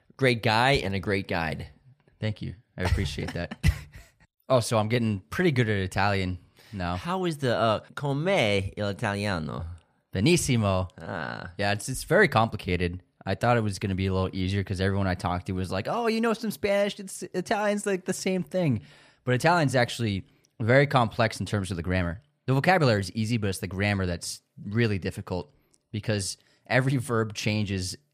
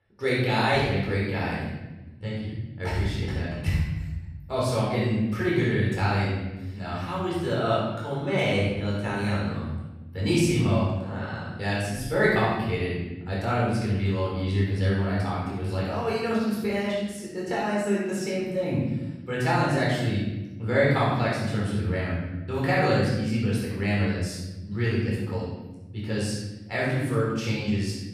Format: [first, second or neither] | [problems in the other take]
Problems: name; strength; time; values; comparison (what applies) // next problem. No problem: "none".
first | off-mic speech; far // room echo; strong; dies away in 1.2 s